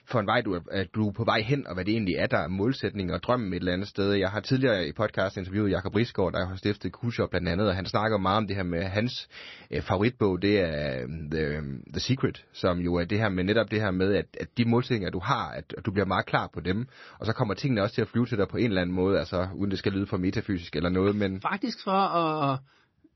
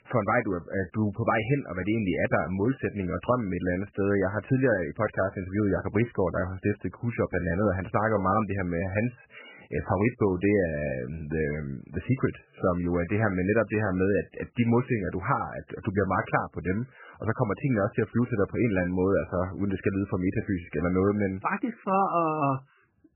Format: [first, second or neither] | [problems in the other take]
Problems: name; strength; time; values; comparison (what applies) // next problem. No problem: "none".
first | garbled, watery; badly; nothing above 2.5 kHz; slightly in the first